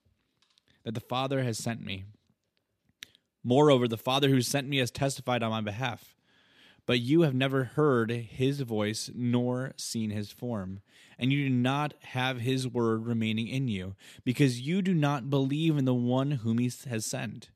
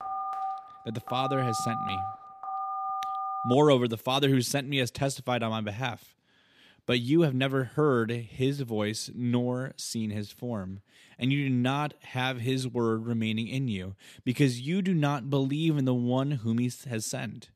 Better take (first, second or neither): first